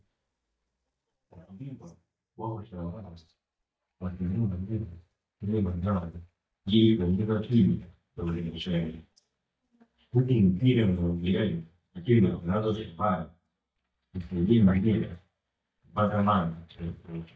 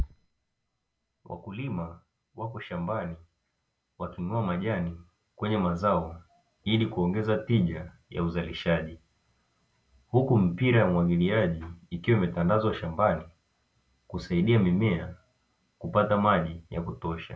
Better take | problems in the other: second | noise reduction (neural mask model DeepFilterNet 3)

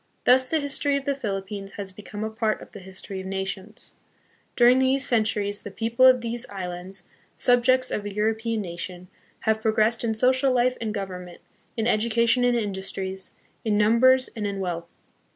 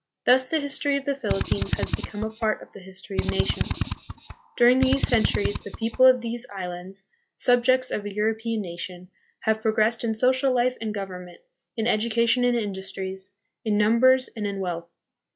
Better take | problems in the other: first | noise reduction (classical method log-MMSE)

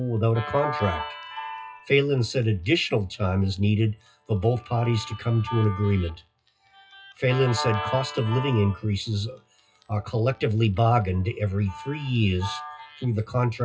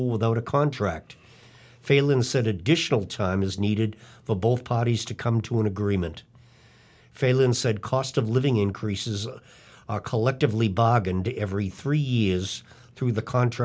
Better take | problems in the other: second | noise reduction (classical method WPE with log-MMSE)

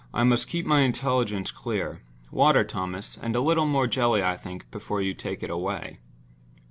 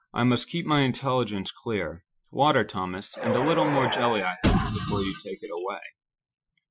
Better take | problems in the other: first | noise reduction (classical method Wiener filter)

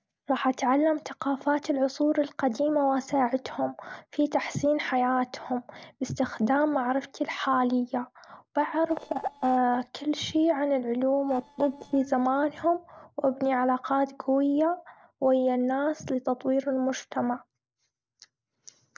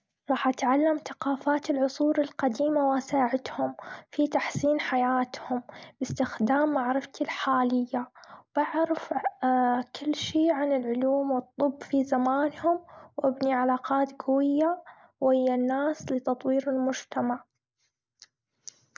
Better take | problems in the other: second | noise reduction (neural separator model SepFormer DNS4)

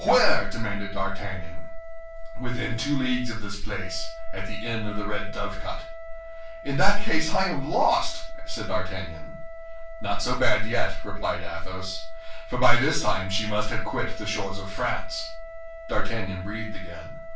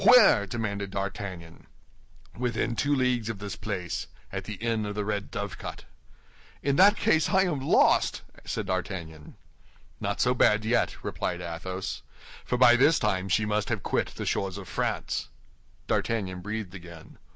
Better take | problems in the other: second | background sound (Wind instrument, woodwind instrument); 19 dB below the speech // room echo; dies away in 0.3 s

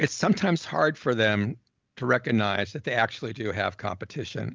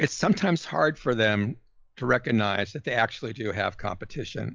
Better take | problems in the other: first | noise reduction (classical method log-MMSE)

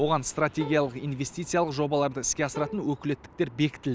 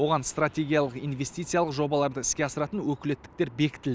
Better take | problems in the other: second | background sound (Fireworks + Bowed string instrument); 18 dB below the speech

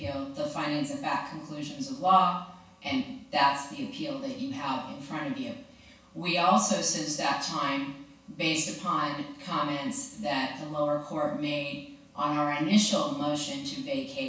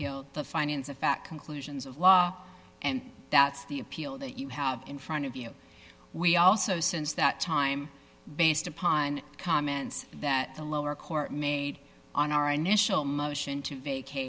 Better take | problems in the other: second | room echo; dies away in 0.7 s

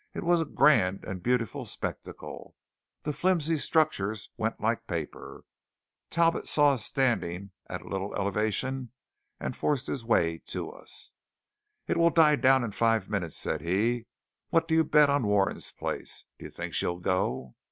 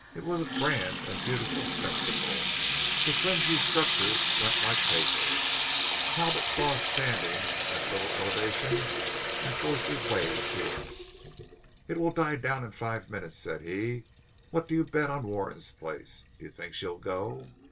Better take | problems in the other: first | background sound (Sink (filling or washing) / Water tap, faucet); 2 dB above the speech // room echo; dies away in 0.1 s

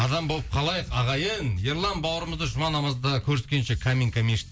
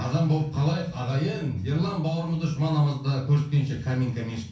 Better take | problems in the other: first | room echo; dies away in 0.6 s

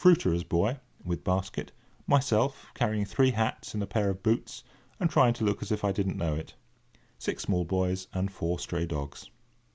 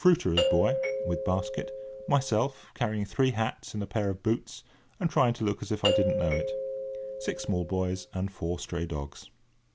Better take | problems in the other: first | background sound (Doorbell); 2 dB below the speech

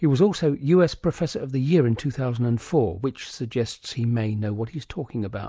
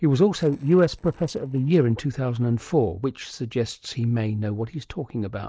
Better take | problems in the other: first | noise reduction (neural separator model SepFormer DNS4)

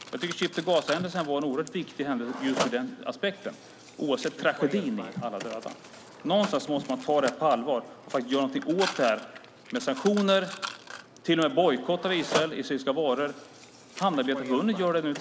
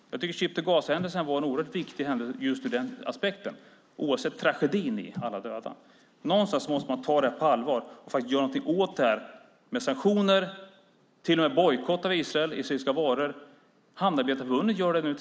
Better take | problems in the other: second | background sound (Mechanisms); 11 dB below the speech

